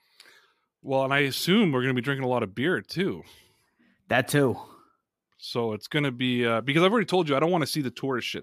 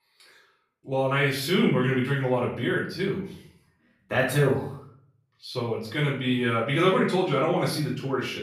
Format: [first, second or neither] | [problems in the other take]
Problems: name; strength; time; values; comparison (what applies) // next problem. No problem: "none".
first | off-mic speech; far // room echo; noticeable; dies away in 0.5 s